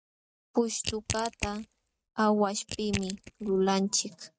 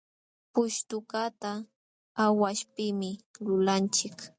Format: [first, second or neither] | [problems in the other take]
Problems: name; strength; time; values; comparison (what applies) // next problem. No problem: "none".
second | noise reduction (neural mask model RNNoise)